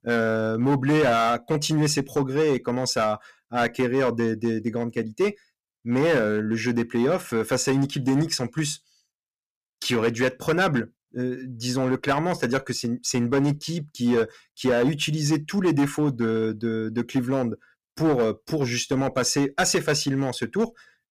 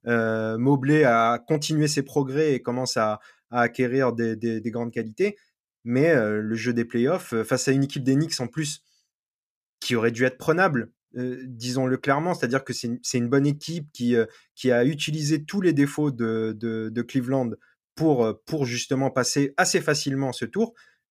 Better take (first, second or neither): second